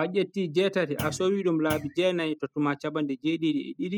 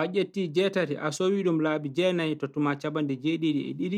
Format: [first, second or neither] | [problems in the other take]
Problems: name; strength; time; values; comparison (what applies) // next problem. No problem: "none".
second | noise reduction (classical method spectral subtraction)